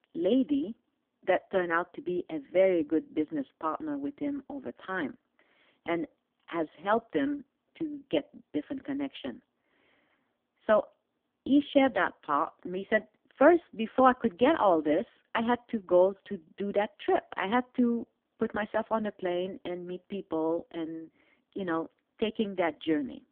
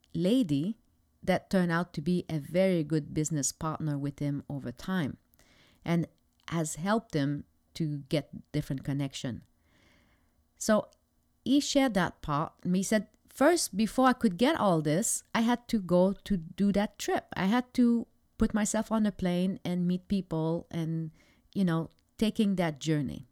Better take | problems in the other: second | phone-call audio; poor line; nothing above 3 kHz

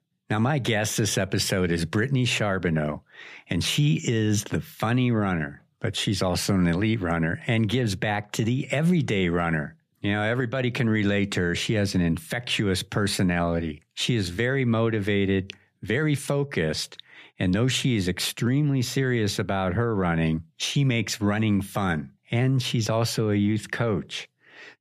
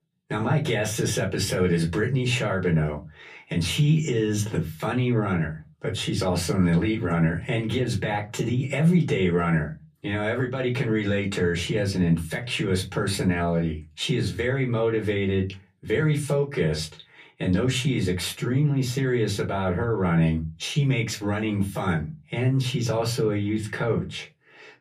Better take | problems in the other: first | off-mic speech; far // room echo; very slight; dies away in 0.2 s

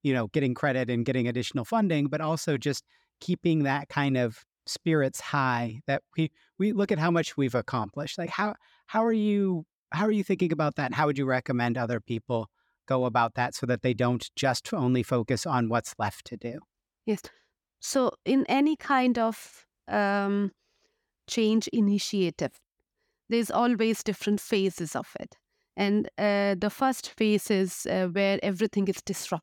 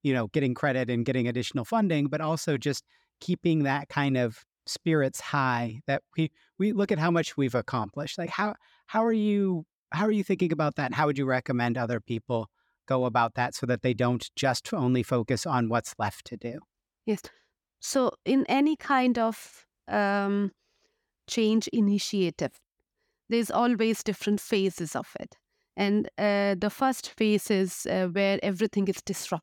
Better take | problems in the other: neither | none

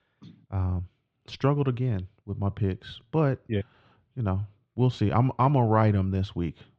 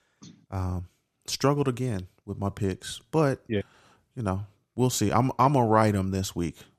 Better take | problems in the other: second | muffled; slightly; fading above 3.5 kHz

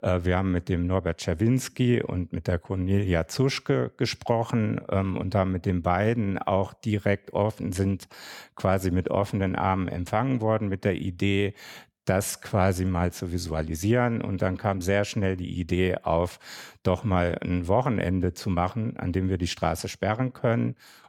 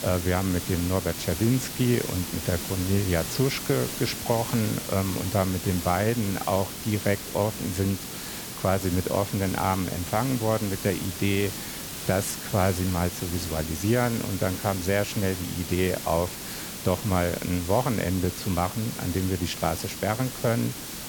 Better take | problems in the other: first | hiss; loud; throughout; 6 dB below the speech

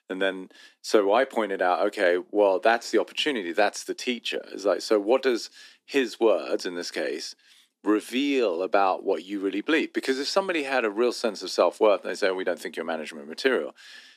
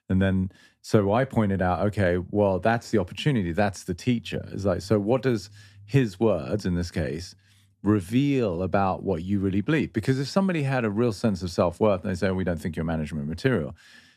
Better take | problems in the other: second | thin; somewhat; fading below 300 Hz

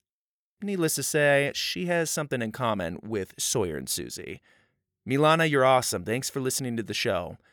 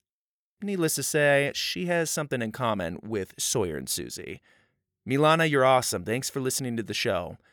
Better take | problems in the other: neither | none

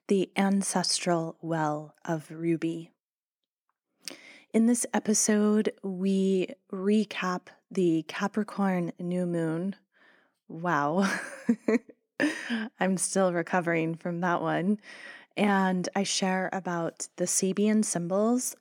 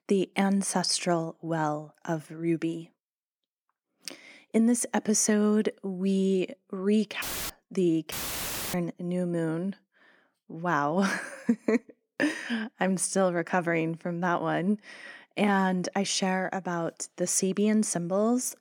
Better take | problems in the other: first | audio cutting out; filled with static; at 7 s and at 8 s for 0.5 s

